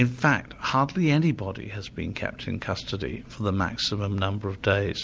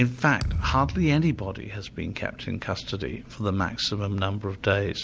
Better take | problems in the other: first | background sound (Thump, thud); 8 dB below the speech

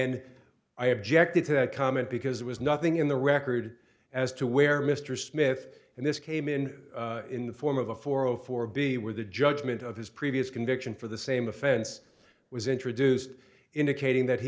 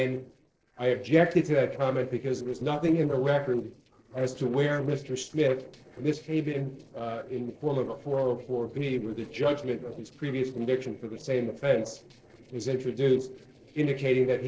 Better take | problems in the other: first | noise reduction (neural separator model SepFormer DNS4)

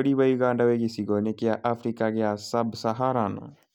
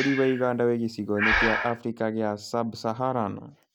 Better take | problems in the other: first | background sound (Breathing); 5 dB below the speech

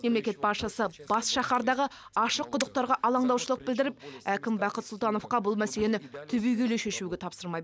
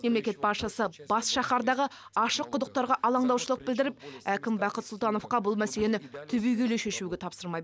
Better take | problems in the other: second | background sound (Camera); 18 dB below the speech

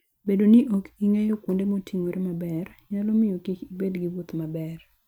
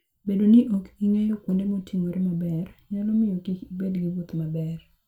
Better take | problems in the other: first | room echo; dies away in 0.2 s

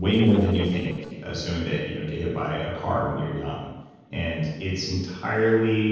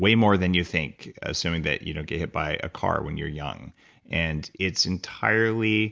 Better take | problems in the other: second | noise reduction (neural separator model SepFormer DNS4)

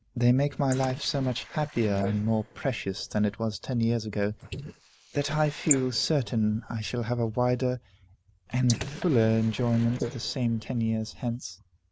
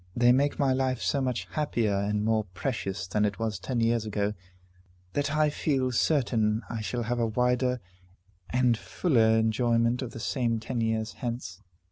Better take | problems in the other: second | noise reduction (neural mask model Resemble Enhance denoiser)

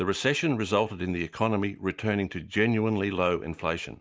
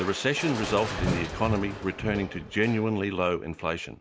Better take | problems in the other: first | background sound (Crushing); 7 dB below the speech

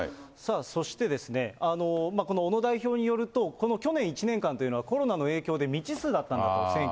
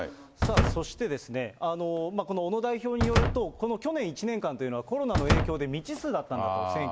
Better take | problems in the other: first | background sound (Slam); 1 dB below the speech

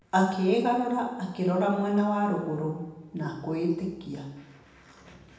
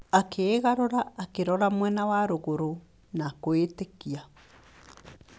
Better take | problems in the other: second | room echo; dies away in 0.9 s

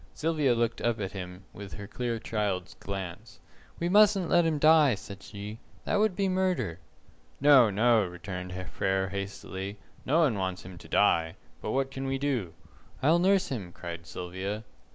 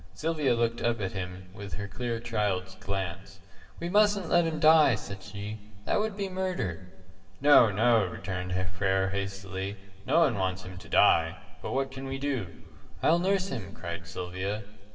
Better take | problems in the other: first | room echo; dies away in 1.1 s

